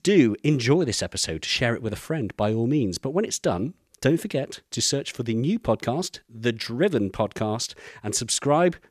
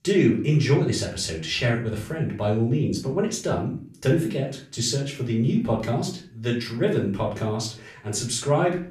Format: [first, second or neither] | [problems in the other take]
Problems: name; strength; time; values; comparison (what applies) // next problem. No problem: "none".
first | off-mic speech; far // room echo; slight; dies away in 0.4 s